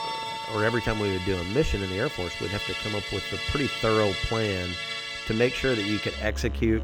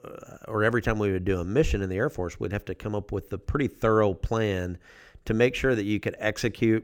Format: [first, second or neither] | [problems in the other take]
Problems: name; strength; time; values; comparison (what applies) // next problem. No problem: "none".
second | background music; loud; throughout; 3 dB below the speech